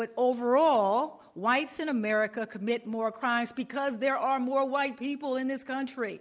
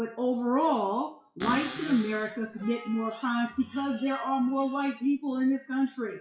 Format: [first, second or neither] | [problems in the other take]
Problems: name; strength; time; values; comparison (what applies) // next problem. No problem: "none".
first | noise reduction (classical method WPE with log-MMSE)